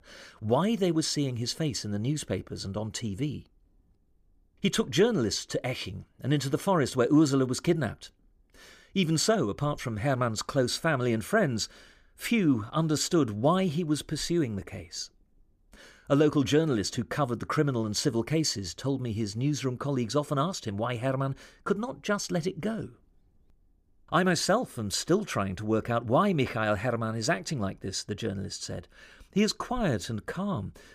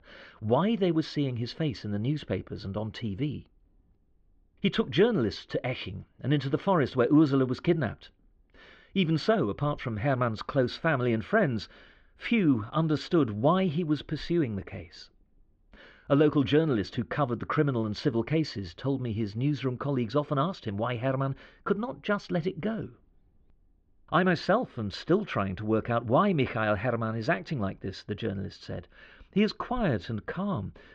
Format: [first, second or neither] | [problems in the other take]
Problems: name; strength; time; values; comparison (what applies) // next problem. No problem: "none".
first | muffled; slightly; fading above 3.5 kHz